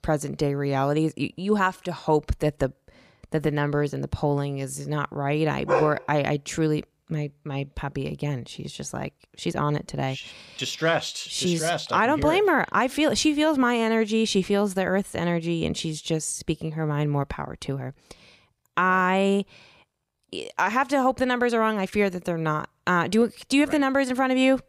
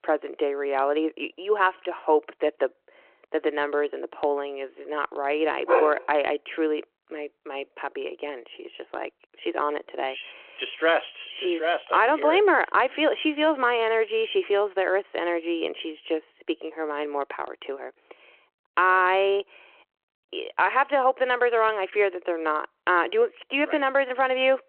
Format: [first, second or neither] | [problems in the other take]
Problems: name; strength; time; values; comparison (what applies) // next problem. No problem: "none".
first | phone-call audio